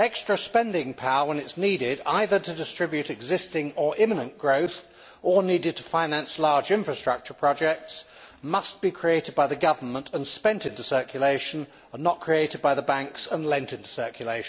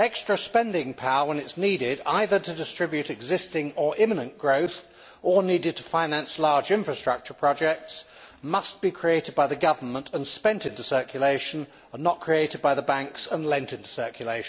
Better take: second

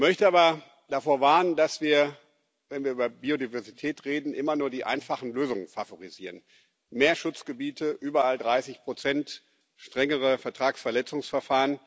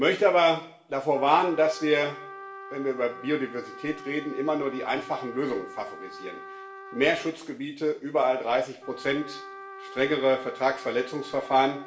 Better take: first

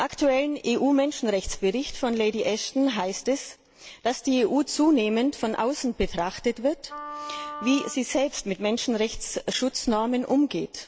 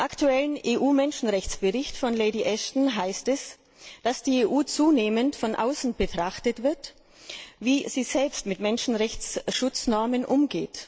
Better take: second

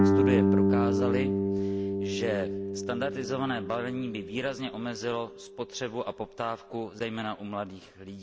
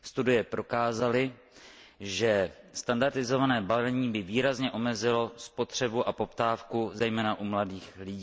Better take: second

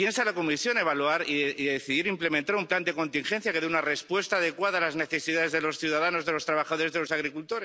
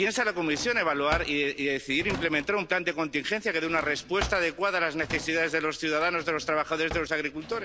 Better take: first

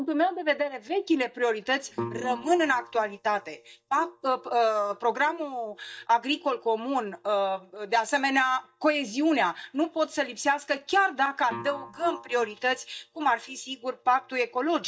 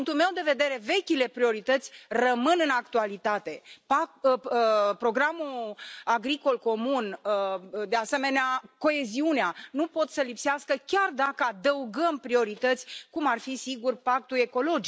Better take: second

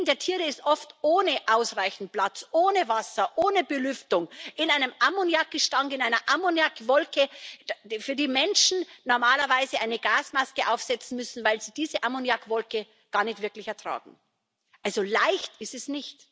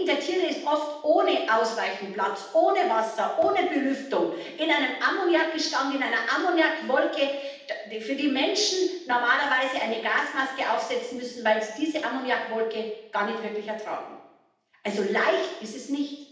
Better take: first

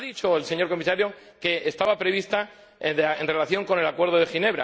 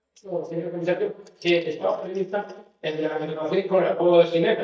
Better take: first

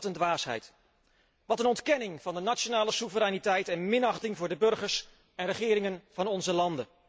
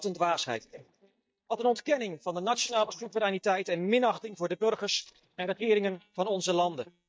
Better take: first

